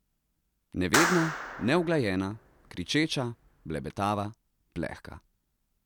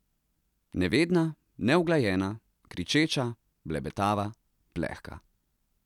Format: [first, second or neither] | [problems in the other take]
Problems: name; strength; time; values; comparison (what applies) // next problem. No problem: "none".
second | background sound (Clapping); 3 dB below the speech